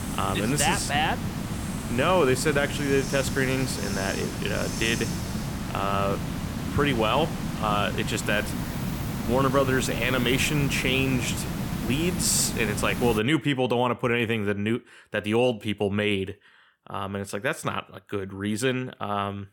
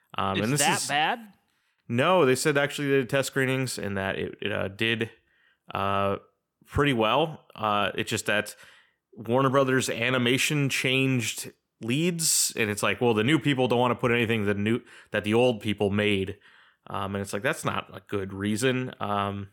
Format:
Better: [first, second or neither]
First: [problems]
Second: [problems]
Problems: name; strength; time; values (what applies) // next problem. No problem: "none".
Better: second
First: hiss; loud; until 13 s; 5 dB below the speech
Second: none